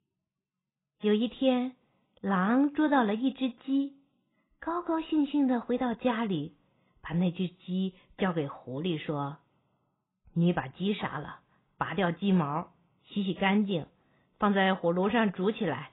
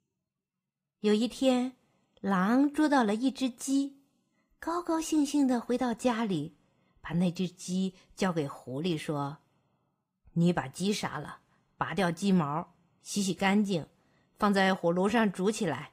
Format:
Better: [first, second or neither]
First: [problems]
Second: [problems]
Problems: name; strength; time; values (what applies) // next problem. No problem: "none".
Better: second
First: garbled, watery; badly; nothing above 4 kHz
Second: garbled, watery; slightly; nothing above 15.5 kHz